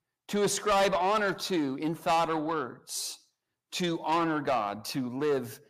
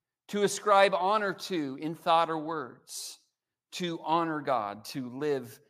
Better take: second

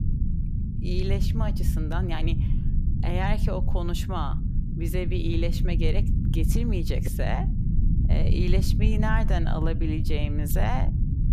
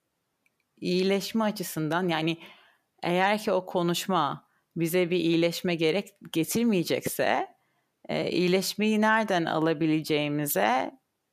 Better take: second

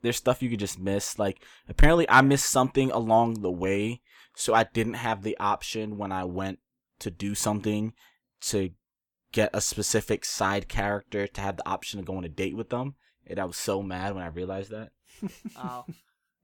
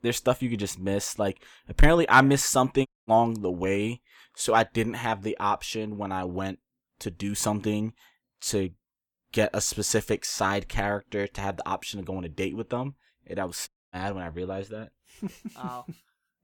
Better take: first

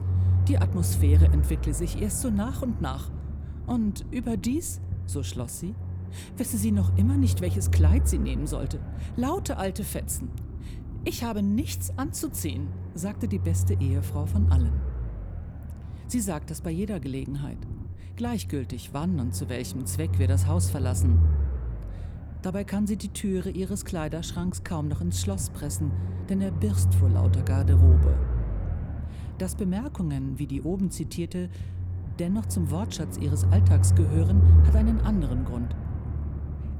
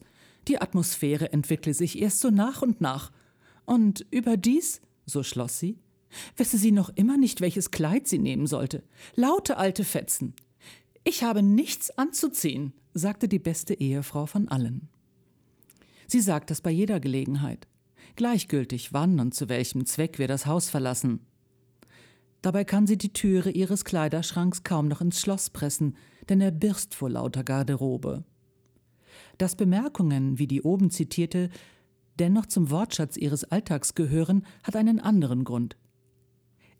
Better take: second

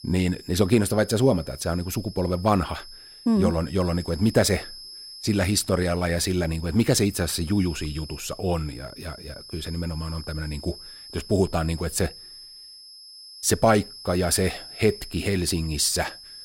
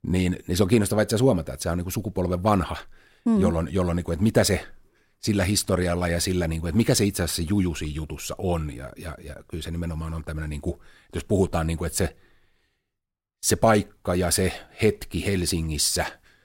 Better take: second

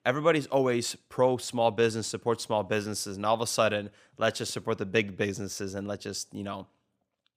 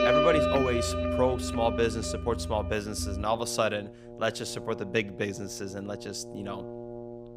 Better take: first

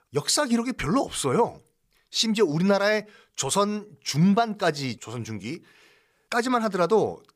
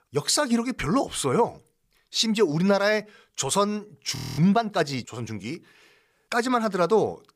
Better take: first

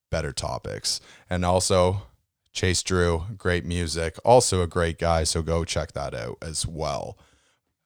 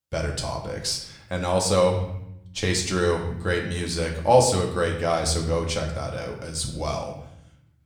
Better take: first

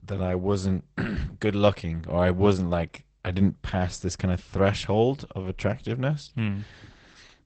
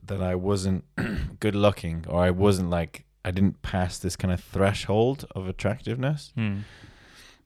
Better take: second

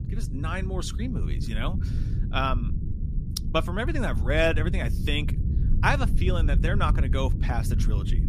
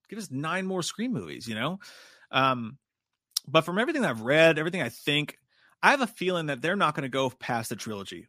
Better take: second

